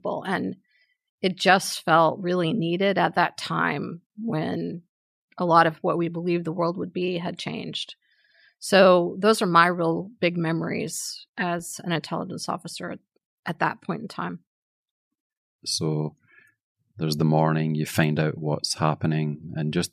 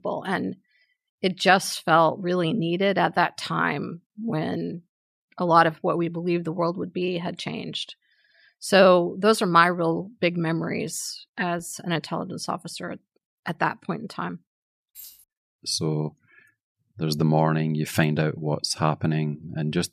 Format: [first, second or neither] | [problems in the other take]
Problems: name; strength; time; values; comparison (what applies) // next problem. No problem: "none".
first | jangling keys; faint; at 15 s; peak 20 dB below the speech